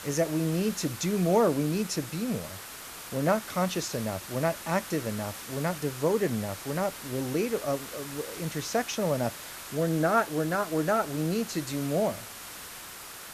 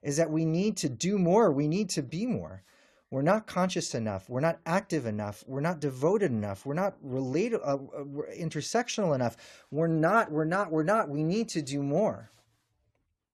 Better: second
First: hiss; noticeable; throughout; 10 dB below the speech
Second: none

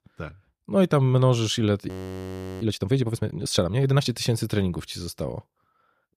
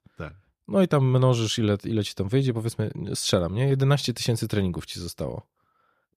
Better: second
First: audio freezing; at 2 s for 0.5 s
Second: none

